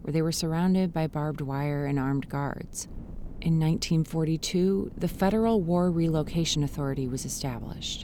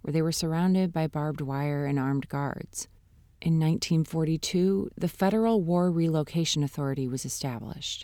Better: second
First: wind noise on the microphone; occasional gusts; 20 dB below the speech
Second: none

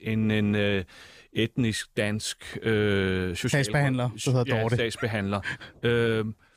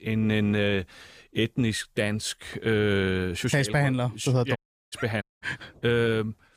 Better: first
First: none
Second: audio cutting out; at 4.5 s and at 5 s

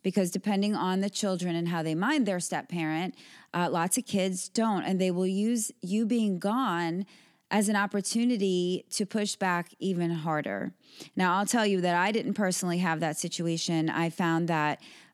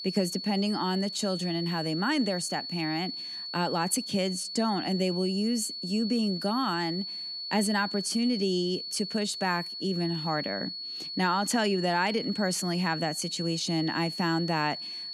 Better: first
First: none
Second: high-pitched whine; loud; throughout; 4.5 kHz, 6 dB below the speech

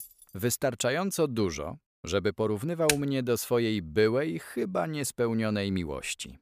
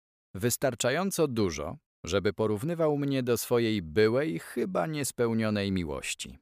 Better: second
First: jangling keys; faint; at the start; peak 15 dB below the speech // keyboard typing; very faint; at 3 s; peak level with the speech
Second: none

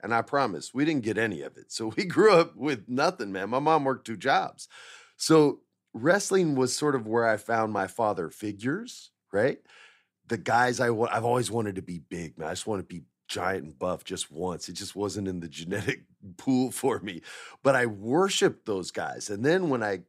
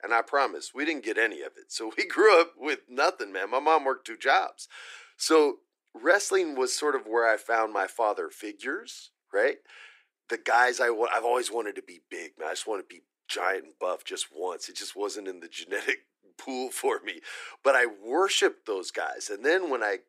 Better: first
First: none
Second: thin; very; fading below 350 Hz

